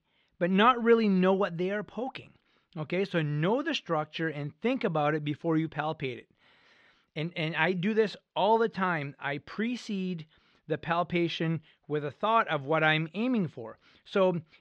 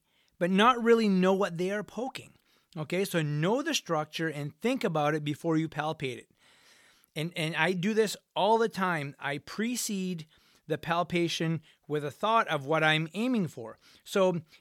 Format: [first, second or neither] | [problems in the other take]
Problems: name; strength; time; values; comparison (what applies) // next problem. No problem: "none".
second | muffled; slightly; fading above 3.5 kHz